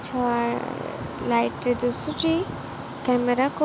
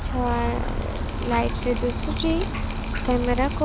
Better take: first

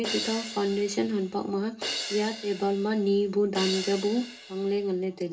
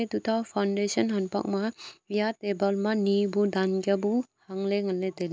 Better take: second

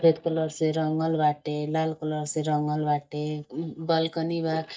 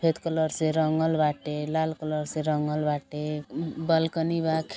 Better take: second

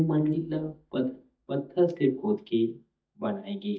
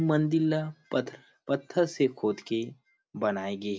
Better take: second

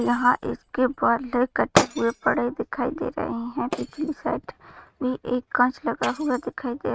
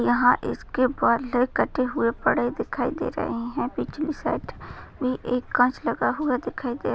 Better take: second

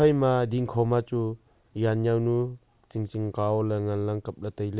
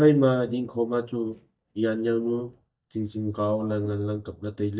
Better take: first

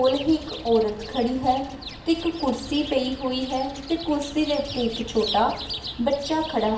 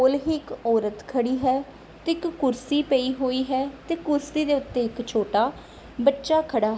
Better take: second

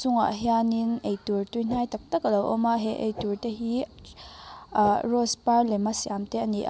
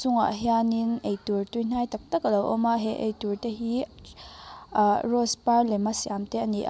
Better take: second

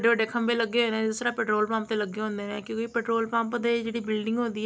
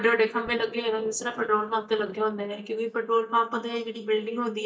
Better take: first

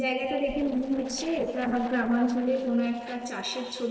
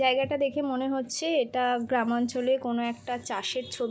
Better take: second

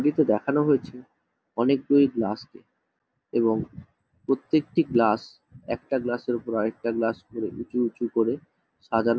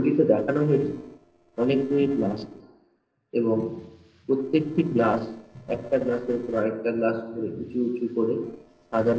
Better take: first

